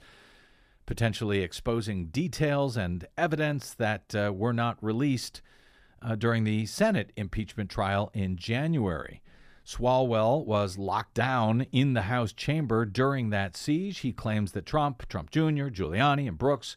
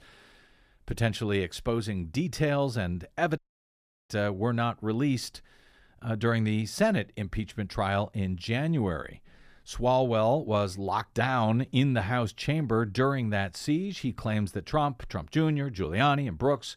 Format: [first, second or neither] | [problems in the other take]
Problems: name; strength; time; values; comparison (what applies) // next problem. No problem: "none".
first | audio cutting out; at 3.5 s for 0.5 s